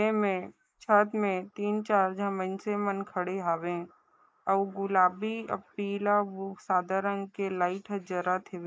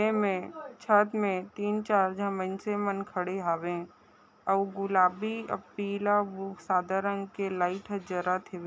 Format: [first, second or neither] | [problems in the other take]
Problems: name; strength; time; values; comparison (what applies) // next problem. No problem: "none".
second | noise reduction (neural mask model Resemble Enhance denoiser)